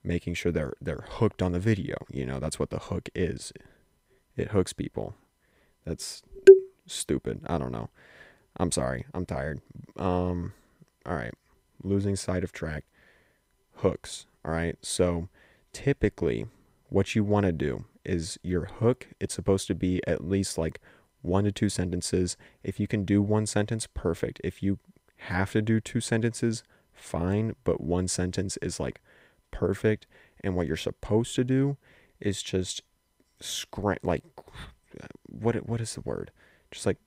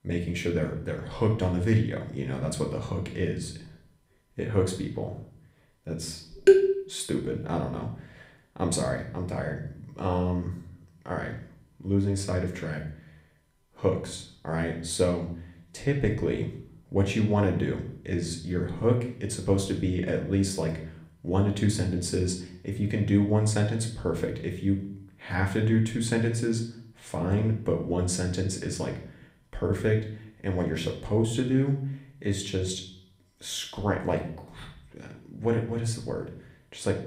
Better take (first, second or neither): first